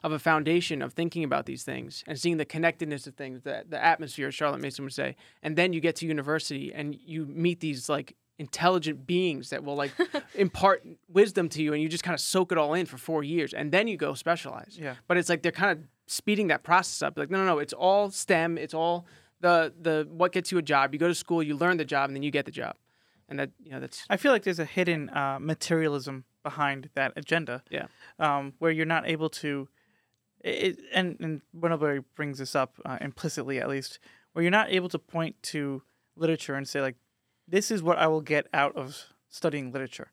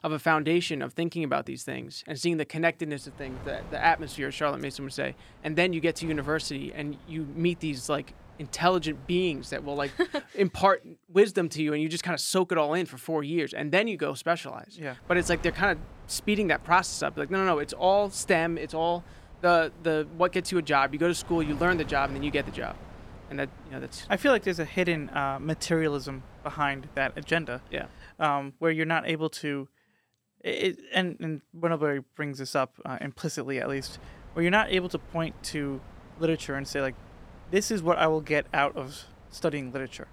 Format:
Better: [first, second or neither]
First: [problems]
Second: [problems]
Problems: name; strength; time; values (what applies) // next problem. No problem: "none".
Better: first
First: none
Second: wind noise on the microphone; occasional gusts; from 3 to 10 s, from 15 to 28 s and from 34 s on; 25 dB below the speech